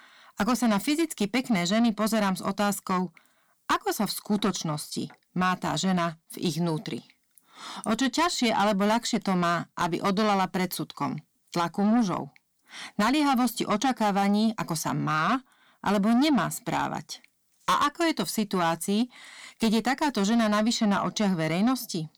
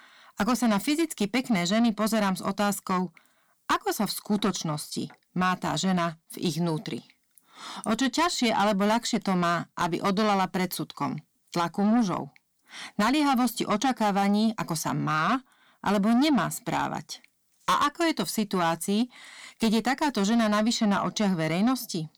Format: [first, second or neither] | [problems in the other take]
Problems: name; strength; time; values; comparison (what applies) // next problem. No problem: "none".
neither | distortion; slight; 10 dB below the speech; the same in both